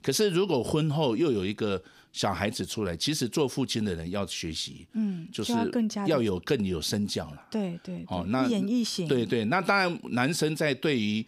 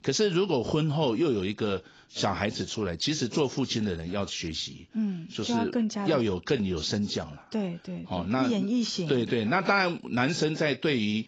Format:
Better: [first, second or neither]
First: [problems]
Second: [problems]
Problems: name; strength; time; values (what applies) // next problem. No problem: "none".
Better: first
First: none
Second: garbled, watery; badly; nothing above 7.5 kHz